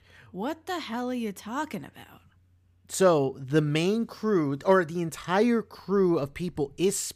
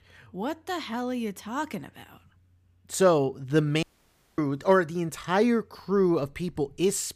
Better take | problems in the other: first | audio cutting out; at 4 s for 0.5 s

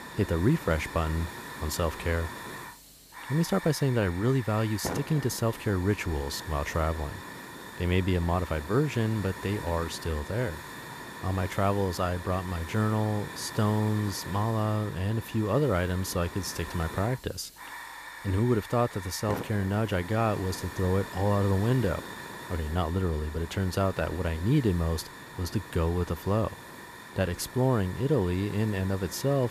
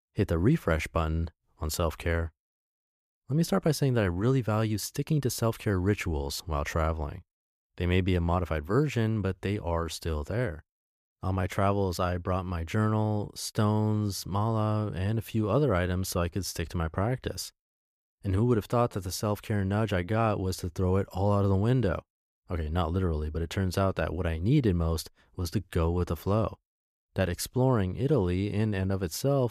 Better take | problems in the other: second | hiss; noticeable; throughout; 10 dB below the speech

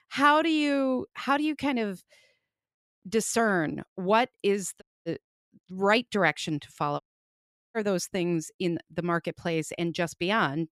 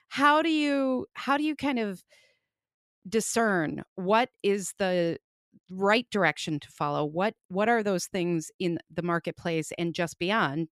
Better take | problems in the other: second | audio cutting out; at 5 s and at 7 s for 0.5 s

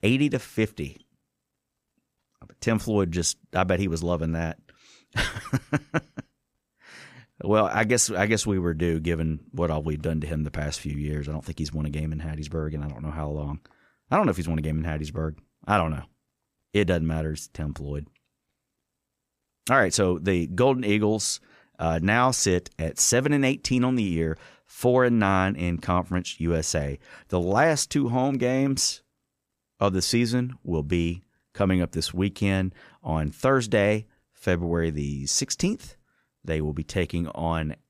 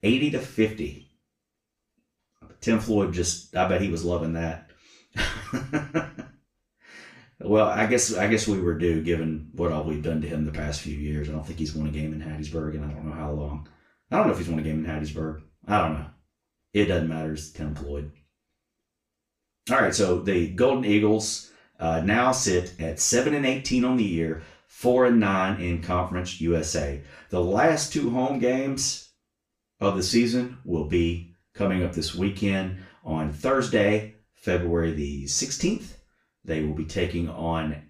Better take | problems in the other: first | room echo; slight; dies away in 0.3 s // off-mic speech; far

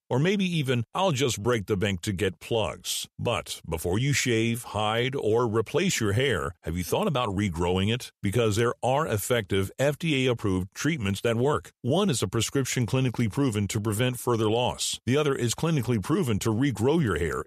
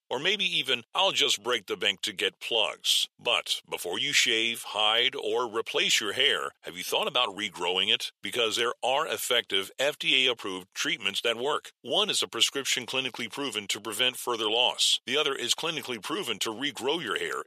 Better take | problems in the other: first | thin; very; fading below 450 Hz

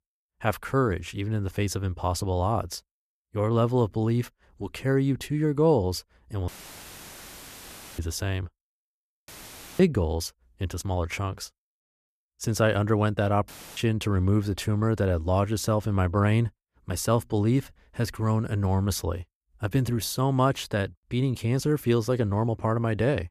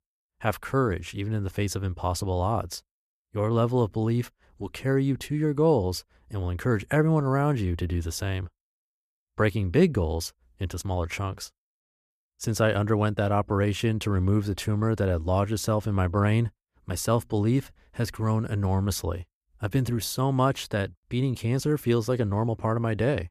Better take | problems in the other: second | audio cutting out; filled with static; at 6.5 s for 1.5 s, at 9.5 s for 0.5 s and at 13 s

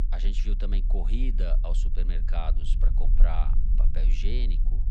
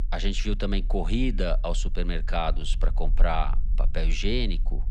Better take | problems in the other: second | low rumble; loud; throughout; 9 dB below the speech; faint in the second

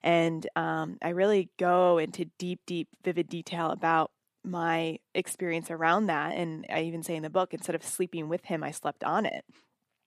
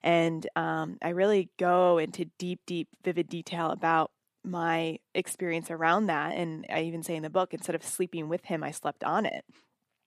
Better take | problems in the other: neither | none

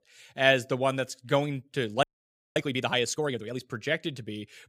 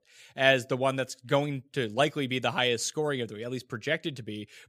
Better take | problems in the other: second | audio freezing; at 2 s for 0.5 s

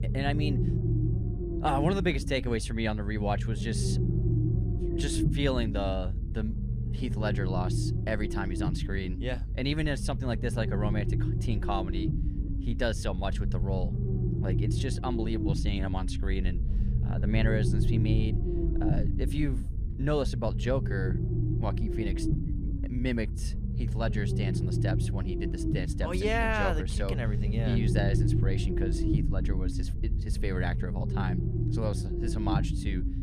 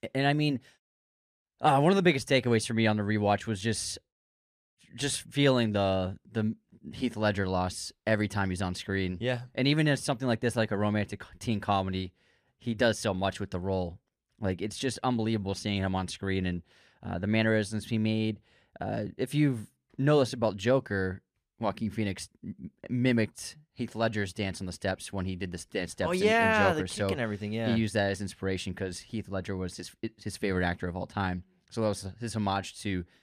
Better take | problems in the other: second | low rumble; loud; throughout; 6 dB below the speech

